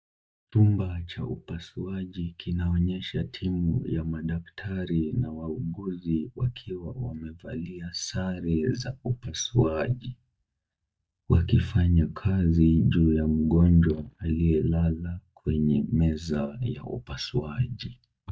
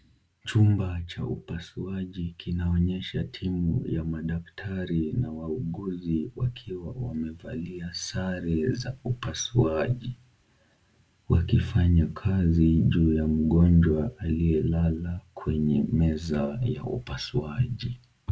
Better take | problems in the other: second | noise reduction (neural mask model DeepFilterNet 3)

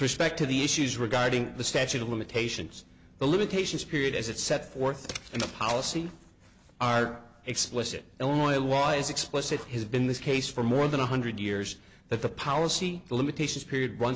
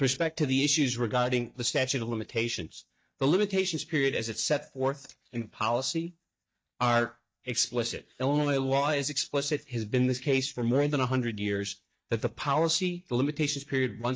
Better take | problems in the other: first | noise reduction (neural mask model DeepFilterNet 3)

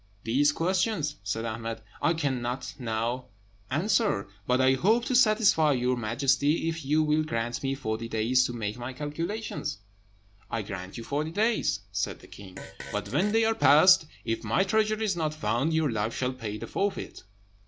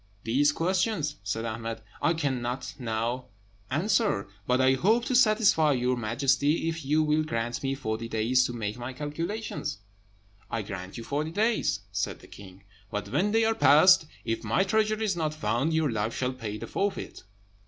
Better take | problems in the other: second | background sound (Fart); 16 dB below the speech

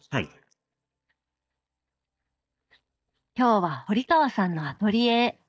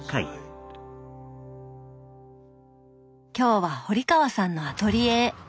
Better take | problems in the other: second | noise reduction (neural mask model DeepFilterNet 3)

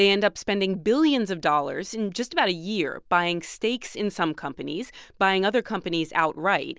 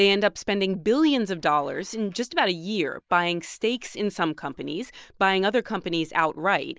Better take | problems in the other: first | noise reduction (neural mask model Resemble Enhance denoiser)

